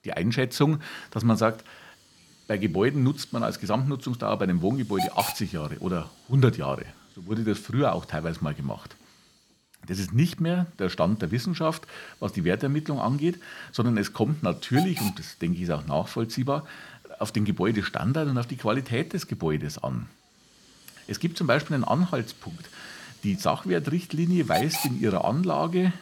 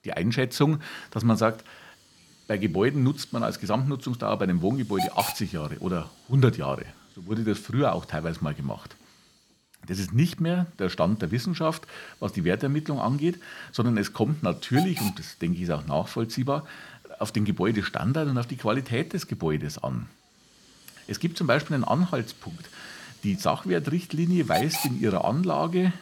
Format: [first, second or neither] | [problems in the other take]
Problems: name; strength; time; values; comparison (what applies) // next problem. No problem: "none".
neither | hiss; loud; throughout; 9 dB below the speech; the same in both